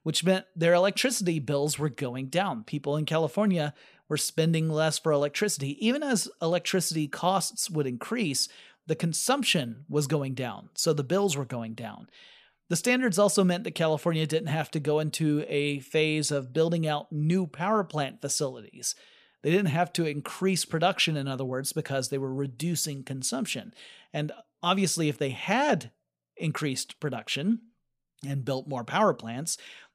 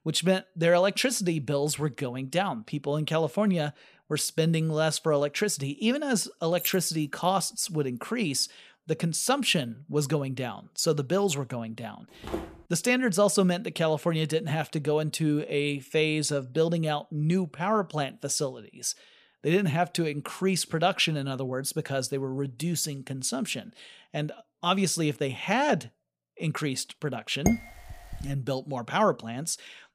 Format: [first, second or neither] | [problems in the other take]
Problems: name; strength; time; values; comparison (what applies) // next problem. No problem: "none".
first | jangling keys; noticeable; at 6.5 s; peak 6 dB below the speech // footsteps; noticeable; at 12 s; peak 9 dB below the speech // clattering dishes; noticeable; at 27 s; peak 3 dB below the speech